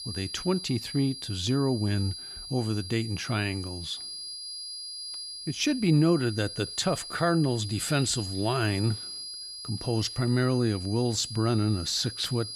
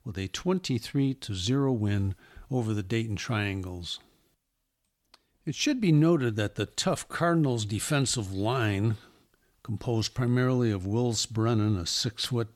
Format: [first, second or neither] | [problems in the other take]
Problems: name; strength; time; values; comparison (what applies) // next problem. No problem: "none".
second | high-pitched whine; loud; throughout; 5 kHz, 9 dB below the speech